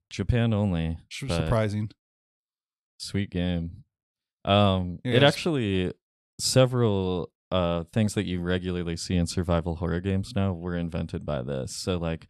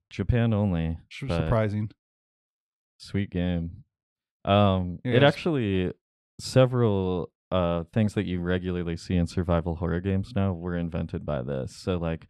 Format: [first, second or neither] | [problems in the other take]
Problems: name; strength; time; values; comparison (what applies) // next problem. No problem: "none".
first | muffled; slightly; fading above 3.5 kHz